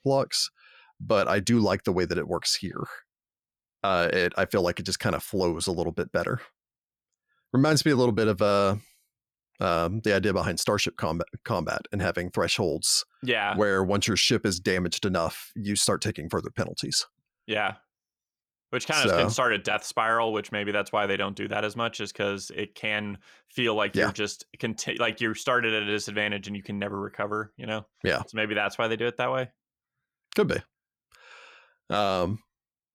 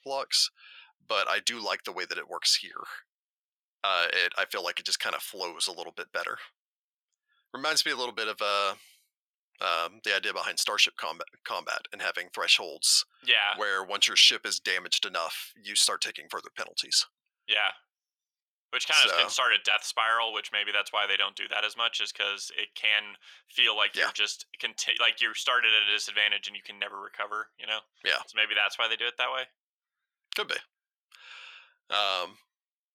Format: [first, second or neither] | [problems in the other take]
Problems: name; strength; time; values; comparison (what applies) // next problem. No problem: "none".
first | thin; very; fading below 900 Hz